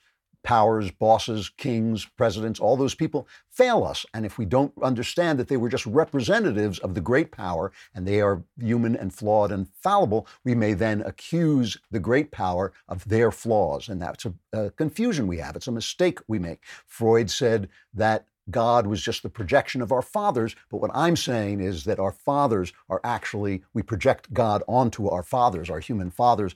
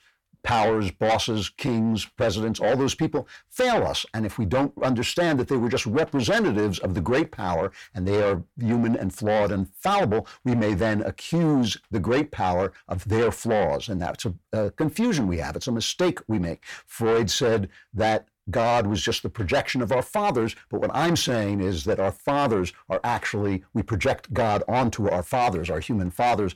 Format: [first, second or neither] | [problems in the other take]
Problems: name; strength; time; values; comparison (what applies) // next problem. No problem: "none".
first | distortion; heavy; 7 dB below the speech